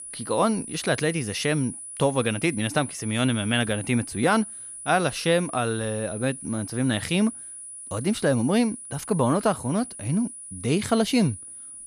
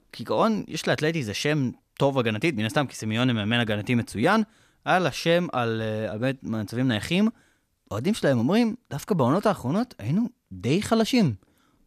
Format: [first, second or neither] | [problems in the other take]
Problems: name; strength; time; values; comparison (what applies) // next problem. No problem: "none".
second | high-pitched whine; noticeable; throughout; 10 kHz, 10 dB below the speech